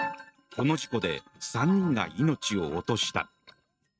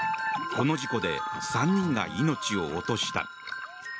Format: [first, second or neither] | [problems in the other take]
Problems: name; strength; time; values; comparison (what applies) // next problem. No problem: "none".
second | noise reduction (neural mask model RNNoise)